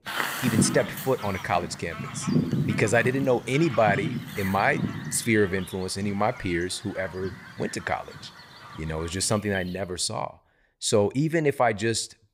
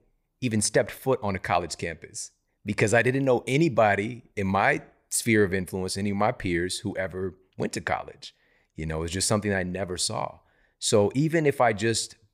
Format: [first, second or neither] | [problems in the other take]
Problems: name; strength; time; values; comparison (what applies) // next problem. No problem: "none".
second | animal sounds; loud; until 10 s; 6 dB below the speech